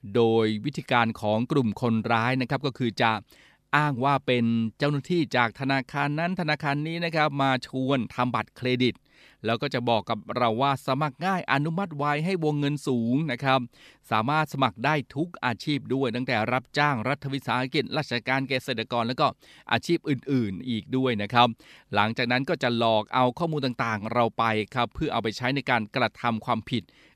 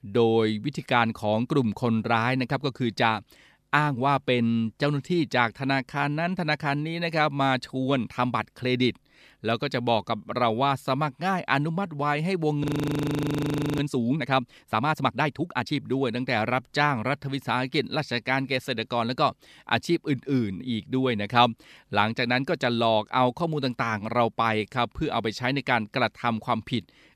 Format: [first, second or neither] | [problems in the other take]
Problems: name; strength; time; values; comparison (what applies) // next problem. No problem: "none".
first | audio freezing; at 13 s for 1 s